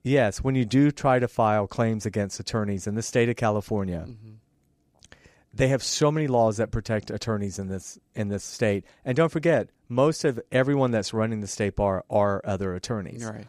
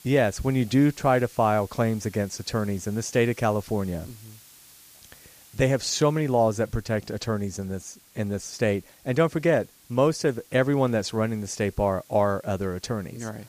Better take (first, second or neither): first